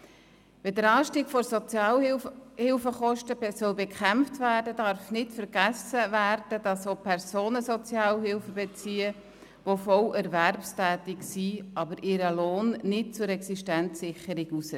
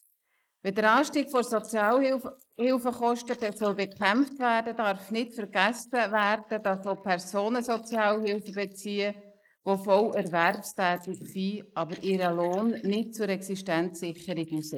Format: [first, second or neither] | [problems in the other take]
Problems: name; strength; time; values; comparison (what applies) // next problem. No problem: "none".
first | noise reduction (neural mask model Resemble Enhance denoiser)